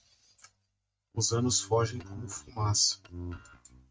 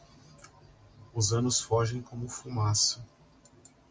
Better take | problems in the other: second | noise reduction (neural mask model RNNoise)

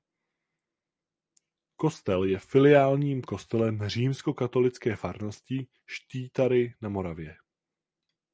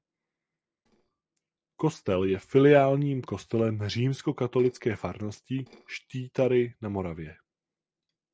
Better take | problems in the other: first | noise reduction (neural separator model SepFormer DNS4)

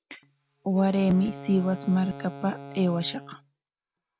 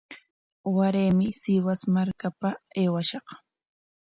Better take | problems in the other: second | background sound (Wind instrument, woodwind instrument); 16 dB below the speech

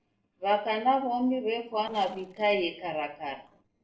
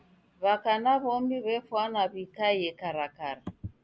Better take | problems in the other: second | noise reduction (neural separator model SepFormer DNS4)

